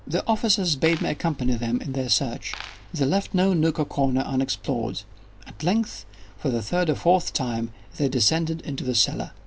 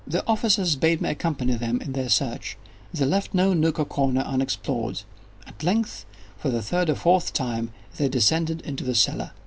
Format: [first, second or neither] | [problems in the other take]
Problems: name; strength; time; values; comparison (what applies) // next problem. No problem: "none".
second | background sound (Coin (dropping)); 18 dB below the speech